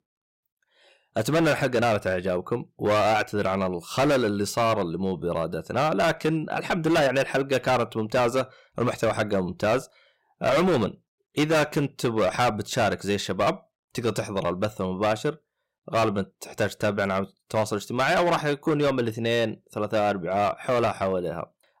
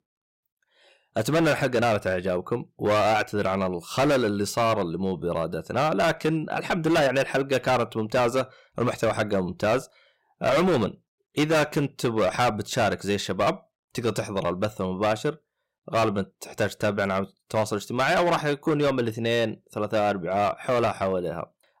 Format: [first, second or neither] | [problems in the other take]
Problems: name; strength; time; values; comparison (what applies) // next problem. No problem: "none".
neither | distortion; heavy; 10% of the sound clipped; the same in both